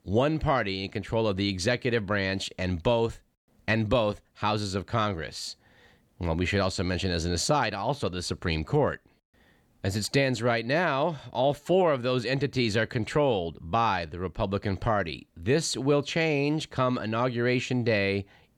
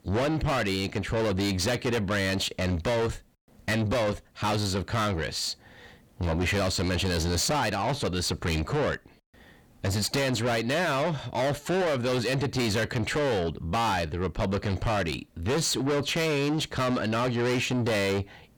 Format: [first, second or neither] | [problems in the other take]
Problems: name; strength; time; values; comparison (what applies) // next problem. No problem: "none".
first | distortion; heavy; 6 dB below the speech